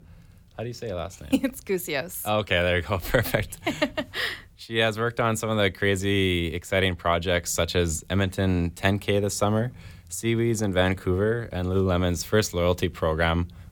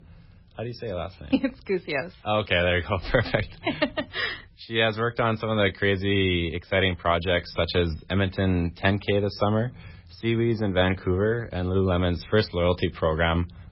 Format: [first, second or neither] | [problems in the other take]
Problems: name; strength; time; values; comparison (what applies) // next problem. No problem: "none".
first | garbled, watery; badly; nothing above 5.5 kHz